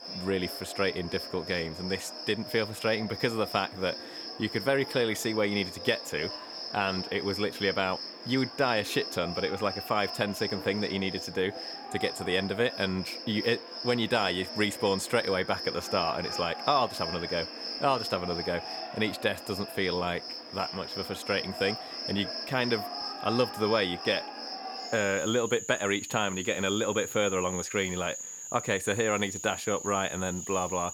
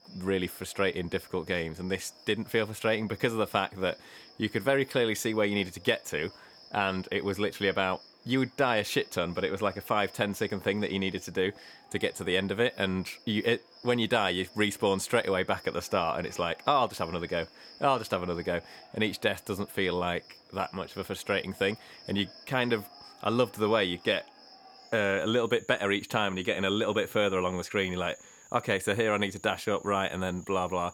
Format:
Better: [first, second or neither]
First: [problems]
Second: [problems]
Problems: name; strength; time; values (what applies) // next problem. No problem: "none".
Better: second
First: animal sounds; loud; throughout; 7 dB below the speech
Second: animal sounds; faint; throughout; 20 dB below the speech